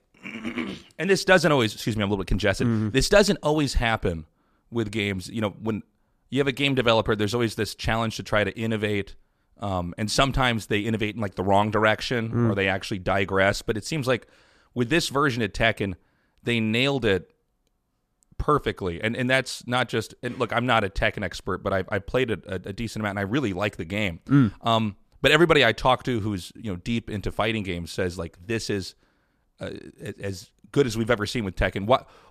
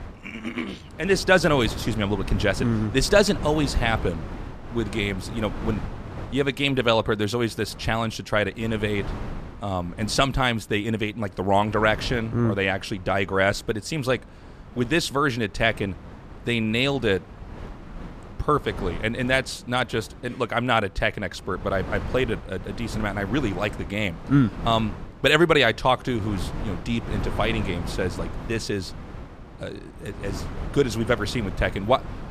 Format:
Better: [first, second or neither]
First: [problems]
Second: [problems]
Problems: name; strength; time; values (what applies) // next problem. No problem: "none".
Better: first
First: none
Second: wind noise on the microphone; occasional gusts; 15 dB below the speech